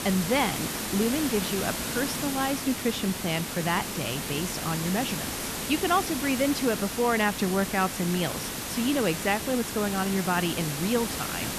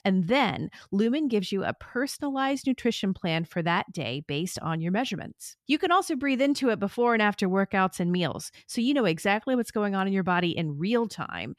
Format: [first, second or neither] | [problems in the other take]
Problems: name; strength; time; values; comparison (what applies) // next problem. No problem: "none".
second | hiss; loud; throughout; 3 dB below the speech